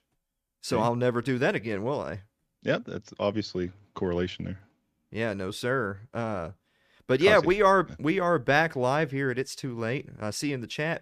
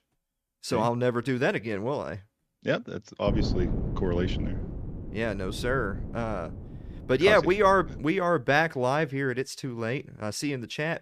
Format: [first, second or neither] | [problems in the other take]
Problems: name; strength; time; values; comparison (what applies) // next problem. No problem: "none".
first | wind noise on the microphone; occasional gusts; from 3.5 to 8 s; 15 dB below the speech